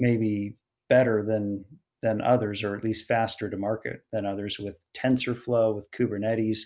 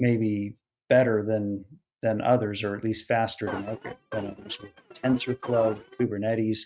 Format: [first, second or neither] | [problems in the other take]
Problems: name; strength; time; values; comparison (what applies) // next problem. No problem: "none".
first | noise reduction (neural mask model RNNoise)